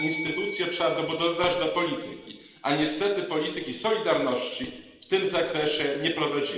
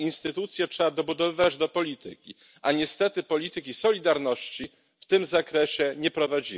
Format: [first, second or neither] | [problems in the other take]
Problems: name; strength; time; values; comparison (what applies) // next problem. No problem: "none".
second | background sound (Bell); 15 dB below the speech // room echo; dies away in 1.1 s